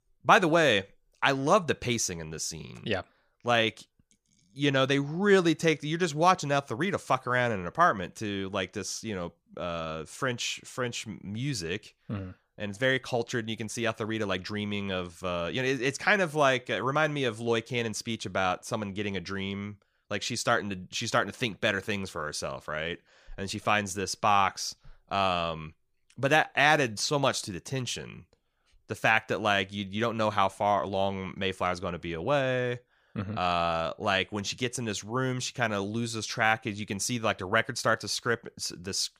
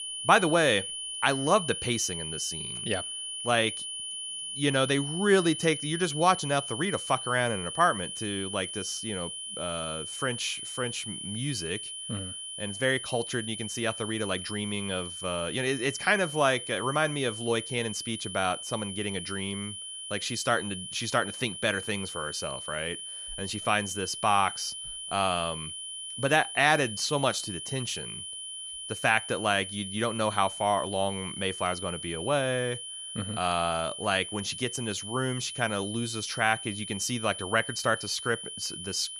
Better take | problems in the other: first | high-pitched whine; loud; throughout; 3 kHz, 7 dB below the speech

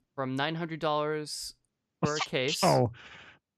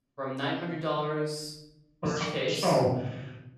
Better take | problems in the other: first | off-mic speech; far // room echo; noticeable; dies away in 0.8 s

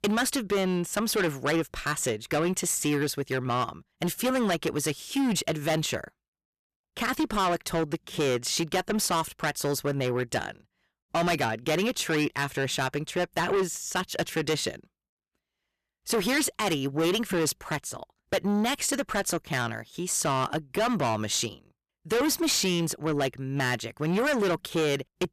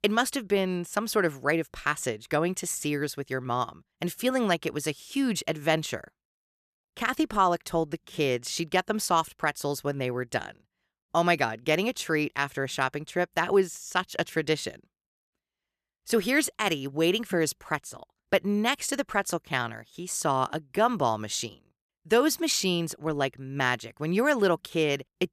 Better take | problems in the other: second | distortion; heavy; 6 dB below the speech

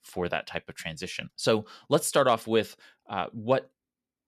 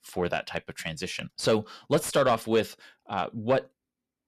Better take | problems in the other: first | distortion; slight; 10 dB below the speech

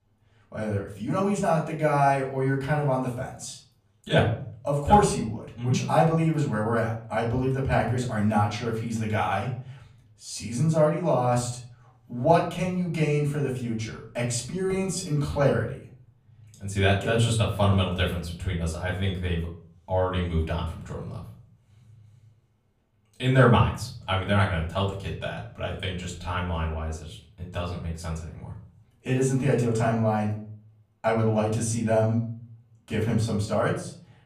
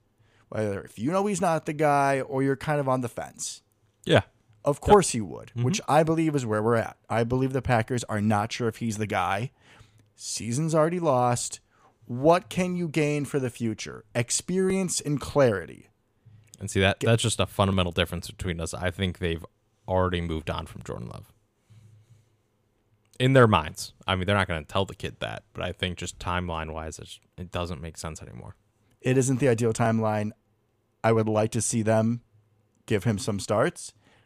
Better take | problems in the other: second | off-mic speech; far // room echo; slight; dies away in 0.5 s

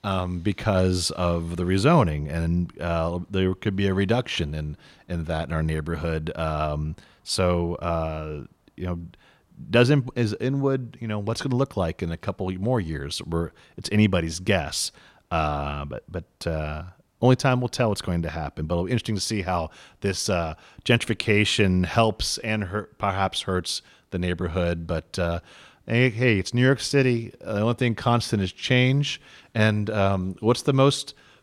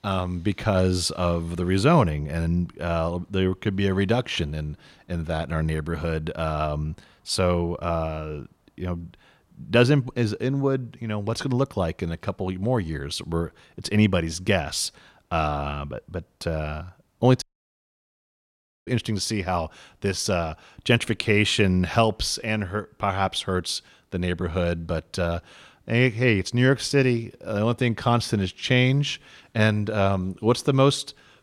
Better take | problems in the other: first | audio cutting out; at 17 s for 1.5 s

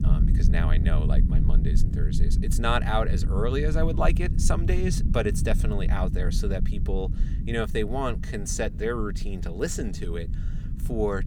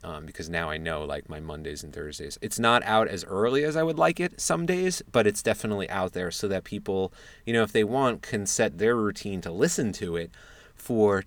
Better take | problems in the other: second | low rumble; noticeable; throughout; 10 dB below the speech

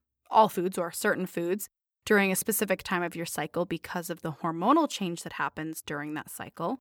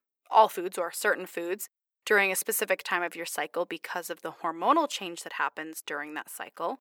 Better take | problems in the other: first | thin; somewhat; fading below 500 Hz

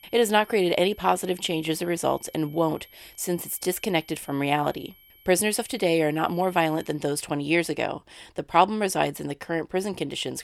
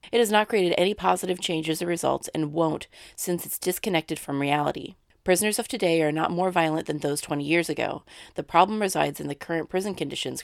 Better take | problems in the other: second | high-pitched whine; faint; until 7 s; 11.5 kHz, 25 dB below the speech

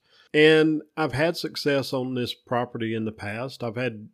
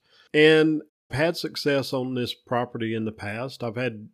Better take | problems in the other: first | audio cutting out; at 1 s

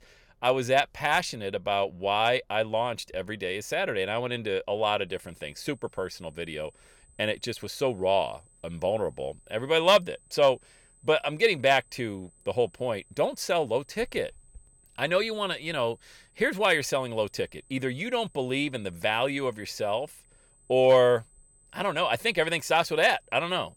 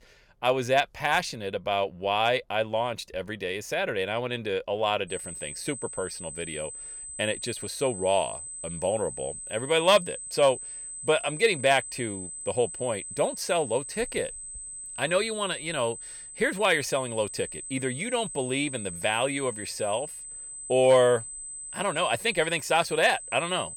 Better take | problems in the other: first | high-pitched whine; loud; from 5 s on; 8 kHz, 9 dB below the speech; faint in the first

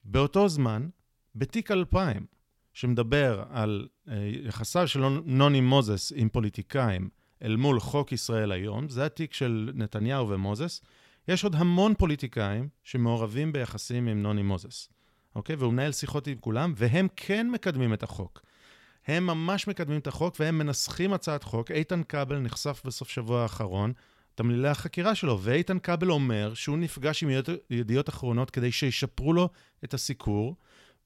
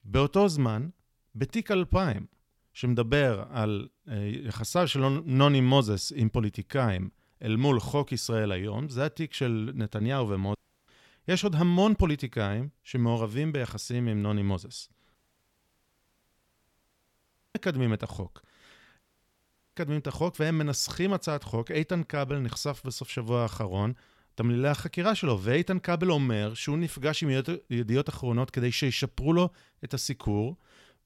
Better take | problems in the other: first | audio cutting out; at 11 s, at 15 s for 2.5 s and at 19 s for 1 s

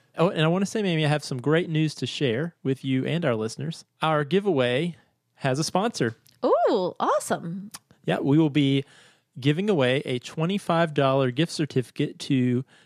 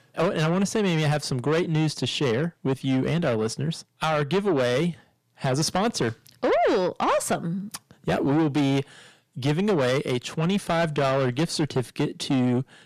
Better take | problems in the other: first | distortion; heavy; 8 dB below the speech

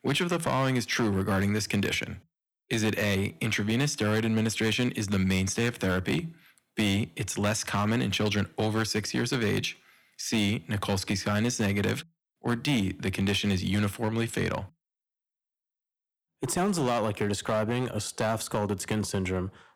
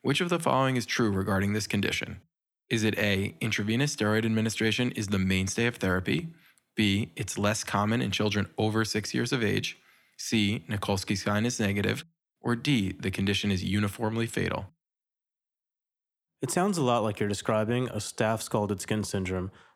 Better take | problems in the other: second | distortion; slight; 7% of the sound clipped

